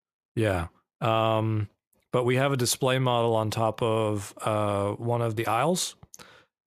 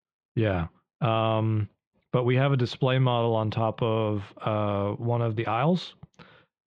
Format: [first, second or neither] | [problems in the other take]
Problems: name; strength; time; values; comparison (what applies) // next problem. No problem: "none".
first | muffled; slightly; fading above 3.5 kHz